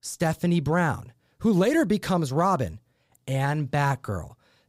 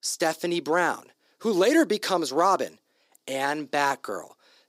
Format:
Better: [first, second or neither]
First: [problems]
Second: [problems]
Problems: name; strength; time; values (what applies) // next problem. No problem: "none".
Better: first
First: none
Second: thin; somewhat; fading below 300 Hz